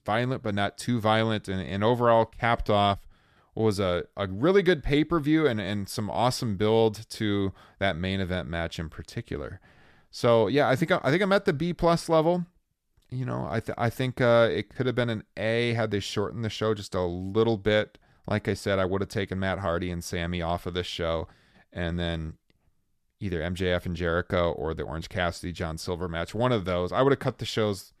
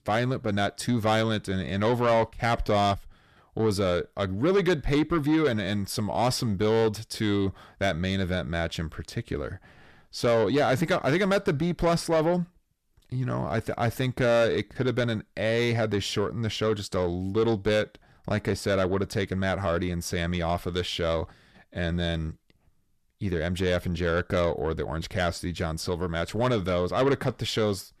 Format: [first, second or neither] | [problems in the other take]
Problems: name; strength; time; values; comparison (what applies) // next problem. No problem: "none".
first | distortion; slight; 10 dB below the speech